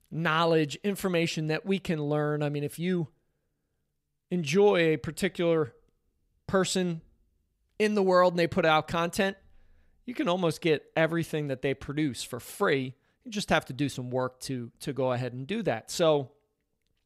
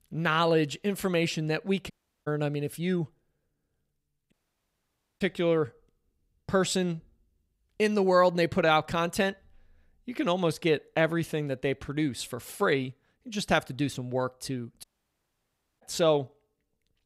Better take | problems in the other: first | audio cutting out; at 2 s, at 4.5 s for 1 s and at 15 s for 1 s

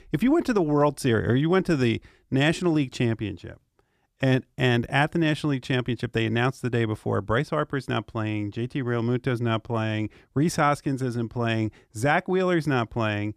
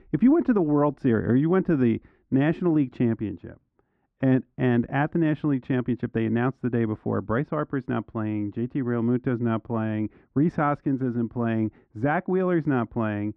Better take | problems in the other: first | muffled; very; fading above 1.5 kHz

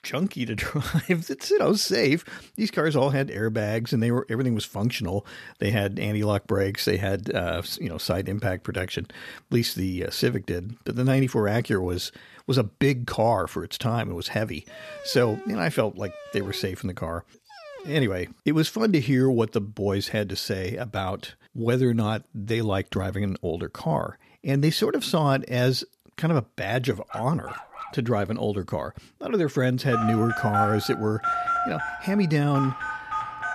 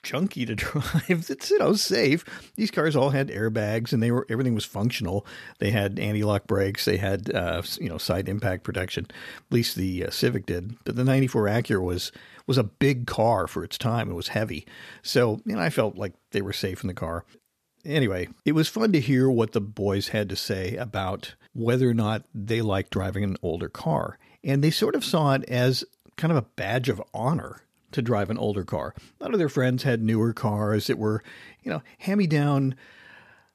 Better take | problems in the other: second | dog barking; faint; from 15 to 18 s and at 27 s; peak 10 dB below the speech // phone ringing; loud; from 30 s on; peak 2 dB above the speech

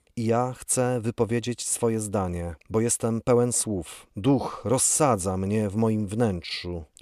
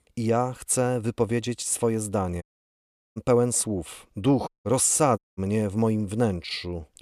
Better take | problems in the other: first | audio cutting out; at 2.5 s for 0.5 s, at 4.5 s and at 5 s

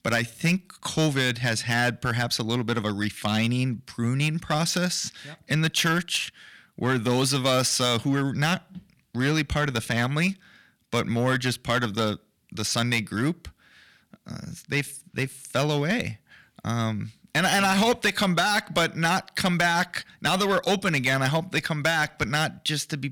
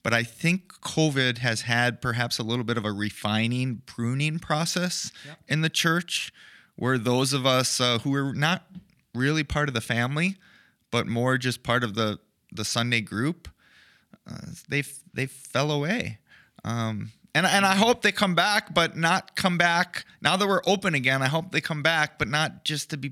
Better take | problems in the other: second | distortion; slight; 5% of the sound clipped

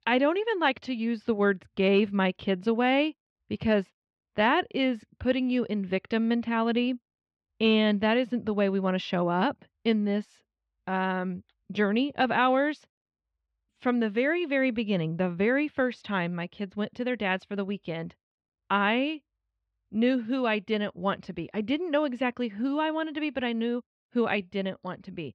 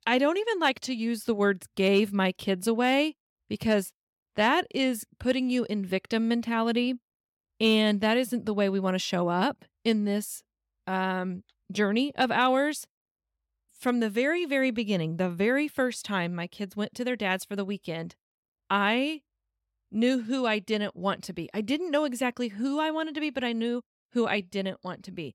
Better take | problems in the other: second | muffled; slightly; fading above 3 kHz

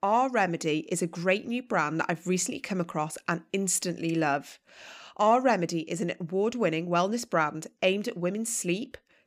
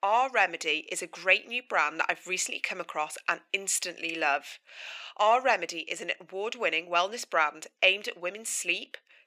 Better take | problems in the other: first | thin; very; fading below 650 Hz

